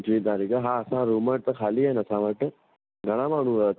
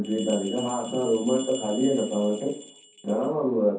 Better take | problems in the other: first | background sound (Bell); 15 dB below the speech // room echo; dies away in 0.6 s

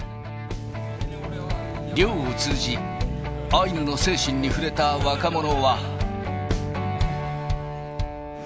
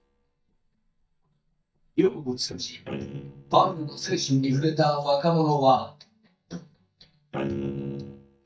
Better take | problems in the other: first | noise reduction (neural mask model DeepFilterNet 3)

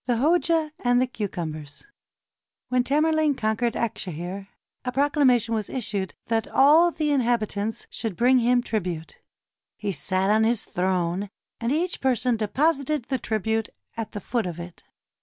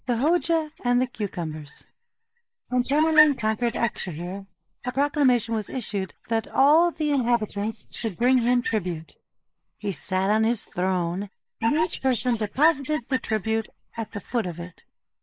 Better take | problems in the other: first | noise reduction (neural mask model Resemble Enhance denoiser)

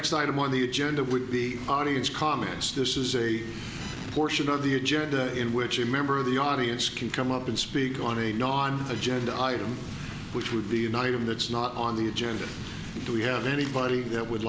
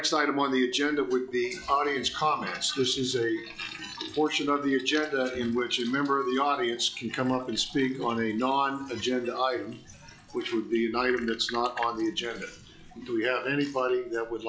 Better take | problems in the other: first | noise reduction (classical method log-MMSE)

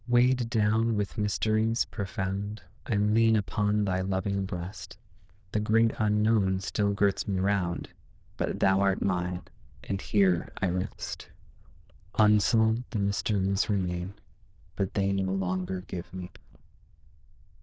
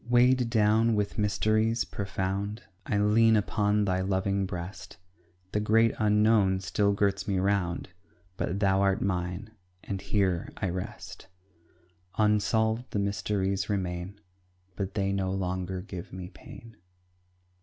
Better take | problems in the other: second | noise reduction (neural diffusion model UNIVERSE++)

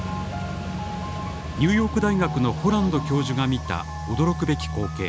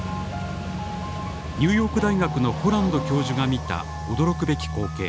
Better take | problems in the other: first | background sound (Race car, auto racing / Accelerating, revving, vroom); 14 dB below the speech

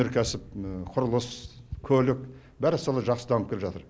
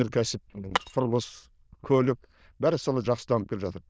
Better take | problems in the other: first | noise reduction (neural diffusion model UNIVERSE++)

